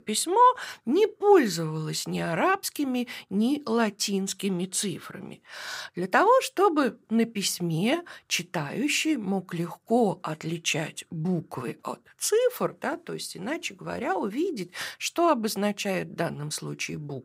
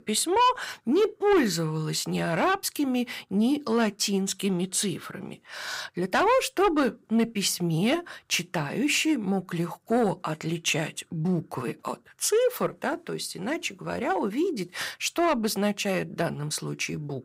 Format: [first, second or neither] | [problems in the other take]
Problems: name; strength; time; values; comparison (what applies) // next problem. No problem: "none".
first | distortion; slight; 10 dB below the speech